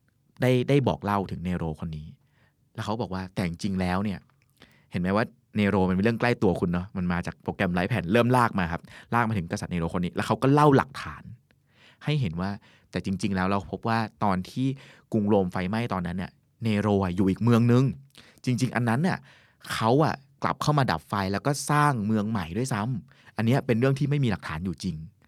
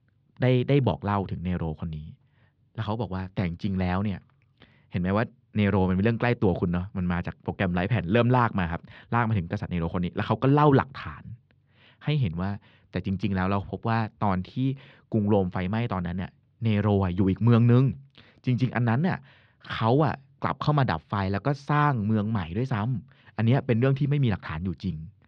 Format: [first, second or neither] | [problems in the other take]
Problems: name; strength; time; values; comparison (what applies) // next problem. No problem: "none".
first | muffled; slightly; fading above 3.5 kHz